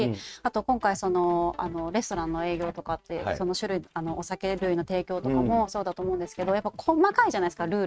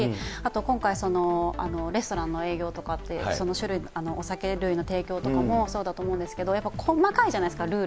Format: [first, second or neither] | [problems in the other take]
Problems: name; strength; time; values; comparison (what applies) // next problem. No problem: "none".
second | noise reduction (neural mask model RNNoise)